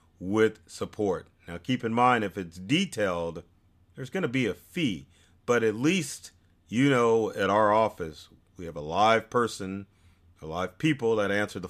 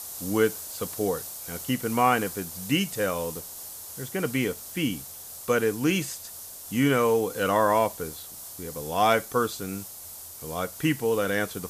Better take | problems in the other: first | hiss; noticeable; throughout; 10 dB below the speech

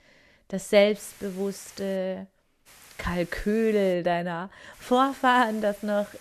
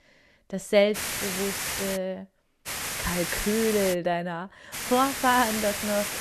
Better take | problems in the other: first | hiss; loud; from 1 to 2 s, from 2.5 to 4 s and from 4.5 s on; 4 dB below the speech; faint in the first

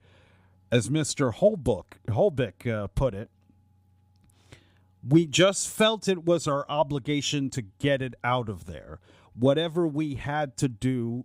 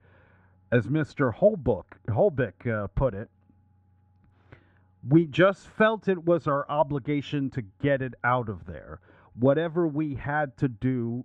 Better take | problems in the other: first | muffled; very; fading above 1.5 kHz

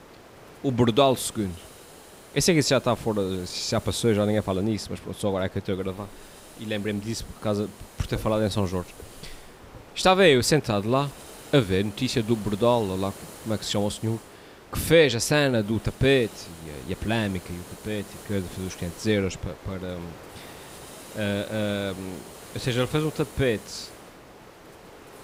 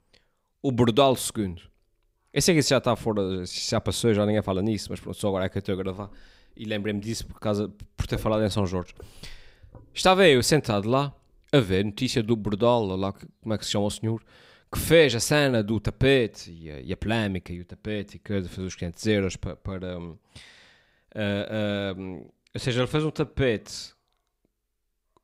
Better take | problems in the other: second | hiss; noticeable; throughout; 20 dB below the speech

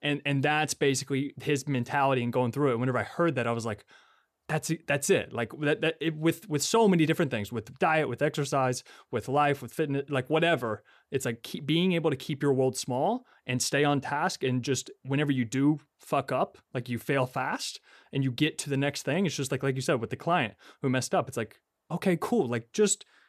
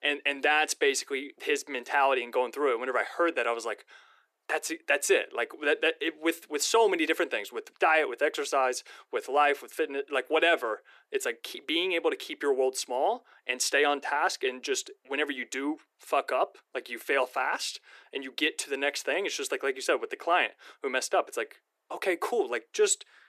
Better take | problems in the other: first | thin; very; fading below 350 Hz

